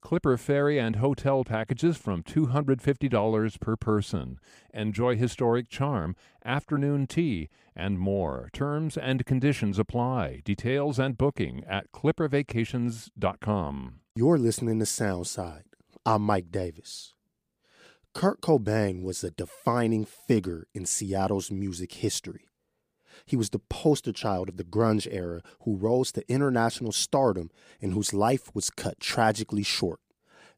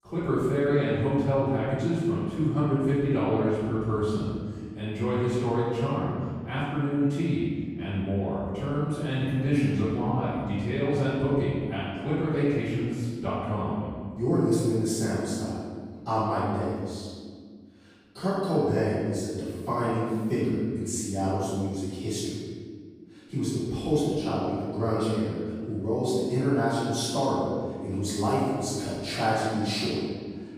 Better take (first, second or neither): first